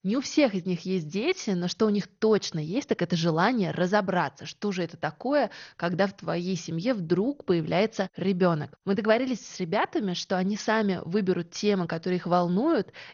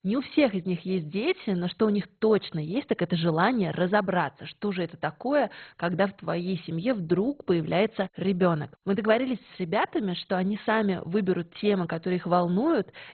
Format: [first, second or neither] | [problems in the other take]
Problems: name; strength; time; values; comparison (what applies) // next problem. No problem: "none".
first | garbled, watery; badly; nothing above 4 kHz; slightly in the first